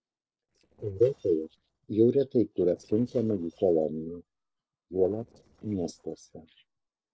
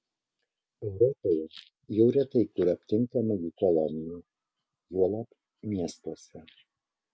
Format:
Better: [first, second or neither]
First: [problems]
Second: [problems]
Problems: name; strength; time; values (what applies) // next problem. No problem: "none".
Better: second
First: noise reduction (neural separator model SepFormer DNS4)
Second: none